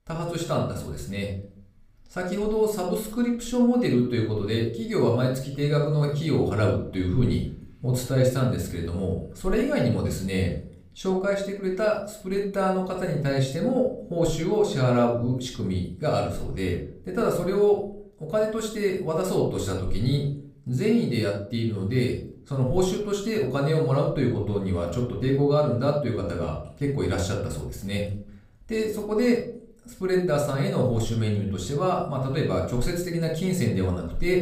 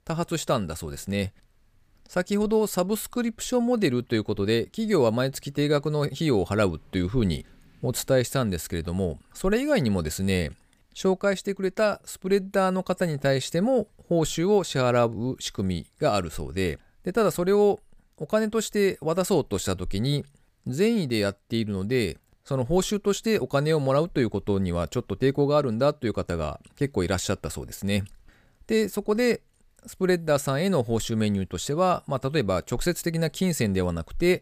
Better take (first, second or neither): second